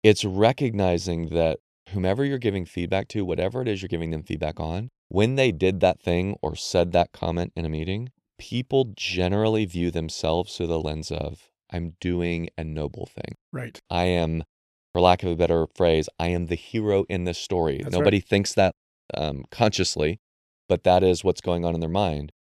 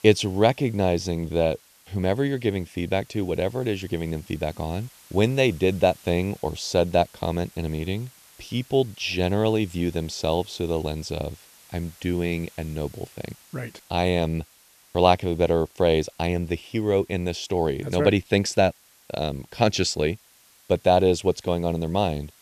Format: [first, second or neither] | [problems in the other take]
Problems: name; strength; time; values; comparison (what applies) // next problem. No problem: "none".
first | hiss; faint; throughout; 25 dB below the speech